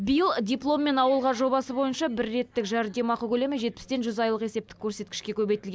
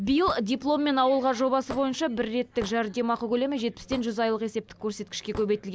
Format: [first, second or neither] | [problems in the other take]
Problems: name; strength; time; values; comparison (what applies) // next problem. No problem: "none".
first | background sound (Hammer / Wood); 20 dB below the speech